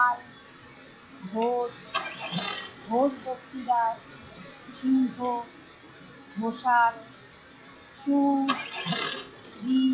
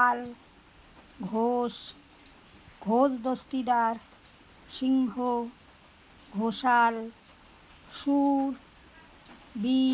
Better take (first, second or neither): second